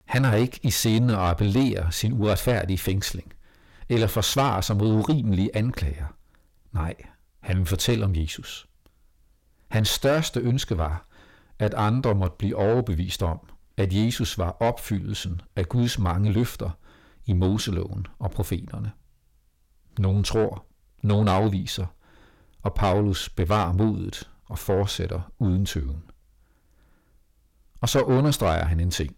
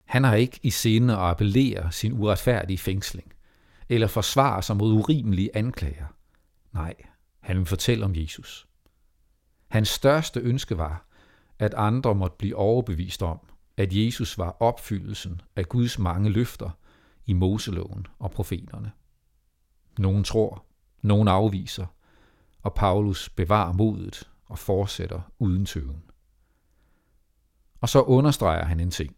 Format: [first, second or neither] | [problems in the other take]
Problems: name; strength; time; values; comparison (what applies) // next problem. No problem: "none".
second | distortion; slight; 10 dB below the speech